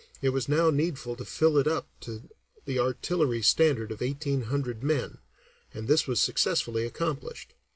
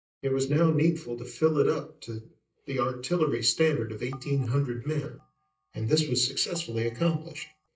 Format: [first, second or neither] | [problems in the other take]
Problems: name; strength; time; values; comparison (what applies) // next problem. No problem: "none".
first | noise reduction (neural mask model DeepFilterNet 3)